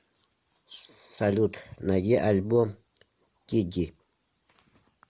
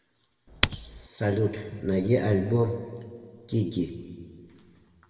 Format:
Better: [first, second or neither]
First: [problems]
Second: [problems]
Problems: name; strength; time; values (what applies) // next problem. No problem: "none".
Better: first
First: none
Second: background sound (Typing); 1 dB below the speech // room echo; dies away in 1.6 s